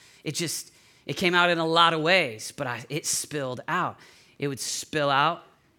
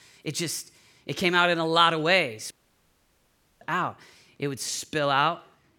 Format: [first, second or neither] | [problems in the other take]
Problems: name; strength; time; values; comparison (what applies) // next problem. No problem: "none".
first | audio cutting out; at 2.5 s for 1 s